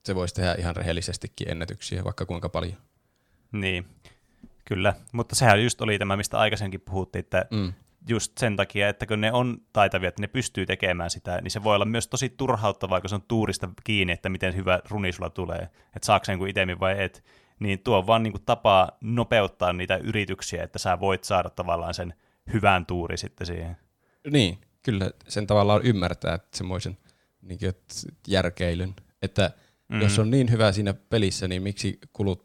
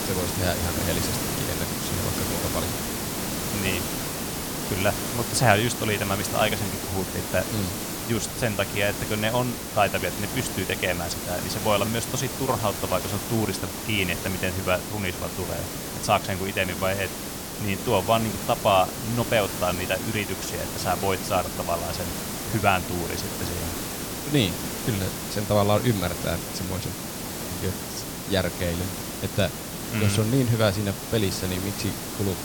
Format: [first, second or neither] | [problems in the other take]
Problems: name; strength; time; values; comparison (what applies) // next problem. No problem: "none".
first | hiss; loud; throughout; 3 dB below the speech